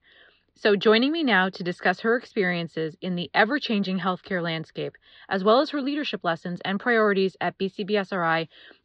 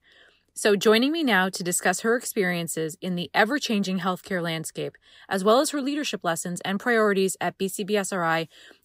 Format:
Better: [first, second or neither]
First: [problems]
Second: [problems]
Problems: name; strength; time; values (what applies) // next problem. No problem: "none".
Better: second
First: muffled; very slightly; fading above 4 kHz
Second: none